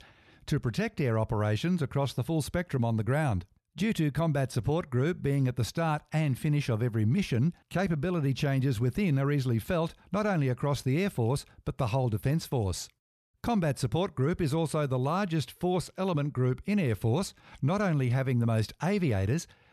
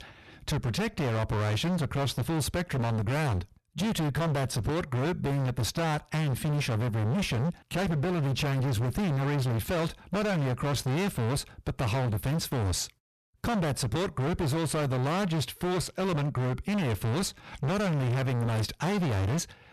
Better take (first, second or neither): first